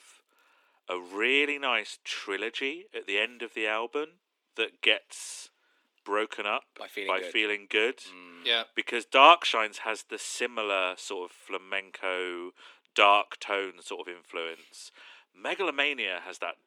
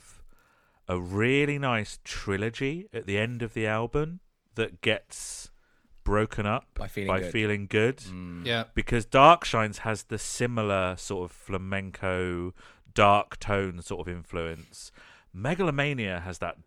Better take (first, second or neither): second